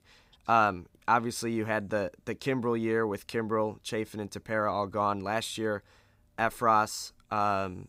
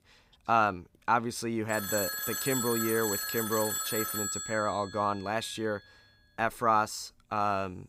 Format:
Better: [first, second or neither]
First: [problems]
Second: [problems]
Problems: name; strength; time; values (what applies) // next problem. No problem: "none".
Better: first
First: none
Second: phone ringing; loud; from 1.5 to 5 s; peak level with the speech